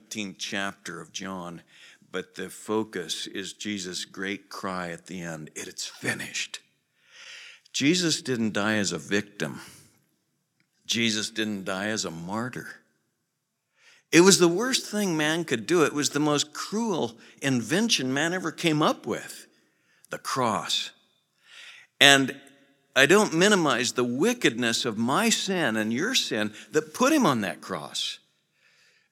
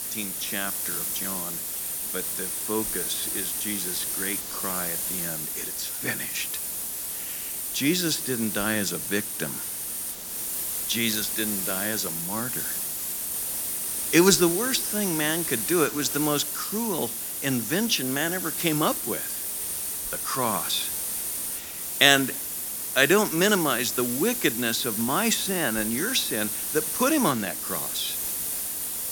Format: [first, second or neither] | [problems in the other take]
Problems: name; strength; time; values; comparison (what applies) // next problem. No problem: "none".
first | hiss; loud; throughout; 2 dB below the speech